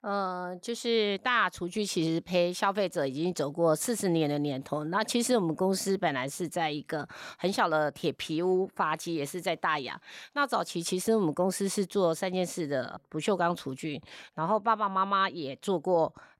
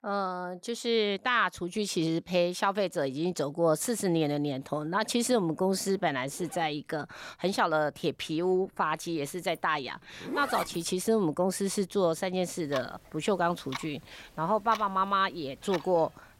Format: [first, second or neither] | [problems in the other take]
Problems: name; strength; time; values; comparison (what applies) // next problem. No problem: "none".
first | household noises; noticeable; from 4 s on; 15 dB below the speech